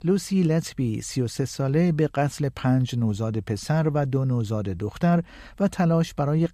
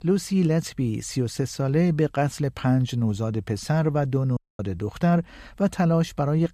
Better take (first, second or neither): first